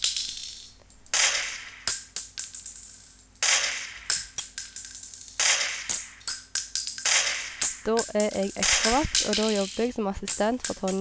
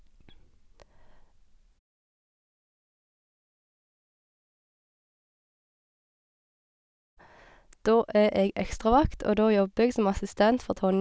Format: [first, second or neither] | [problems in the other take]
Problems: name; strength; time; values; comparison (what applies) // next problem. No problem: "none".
second | background sound (Gunshot, gunfire); 3 dB above the speech